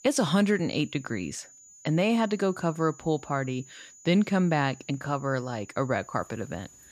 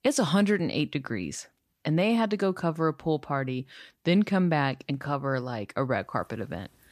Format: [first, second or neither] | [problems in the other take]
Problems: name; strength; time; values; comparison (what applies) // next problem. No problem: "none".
second | high-pitched whine; faint; throughout; 7 kHz, 20 dB below the speech